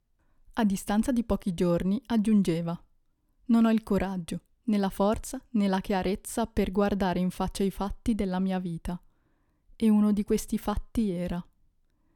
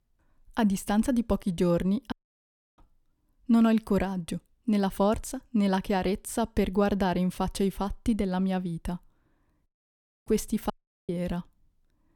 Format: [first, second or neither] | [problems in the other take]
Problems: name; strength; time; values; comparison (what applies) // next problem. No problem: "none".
first | audio cutting out; at 2 s for 0.5 s, at 9.5 s for 0.5 s and at 11 s